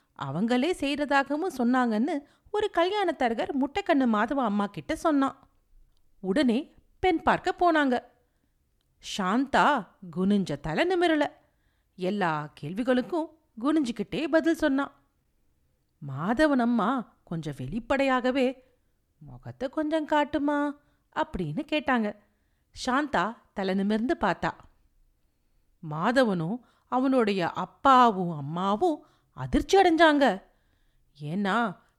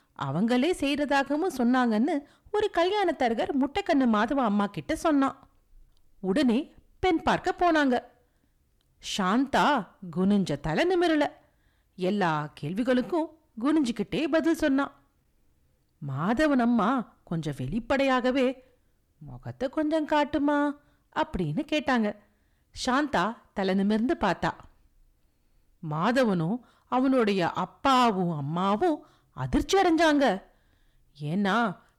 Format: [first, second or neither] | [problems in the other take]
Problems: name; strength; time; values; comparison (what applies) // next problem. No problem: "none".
first | distortion; slight; 10 dB below the speech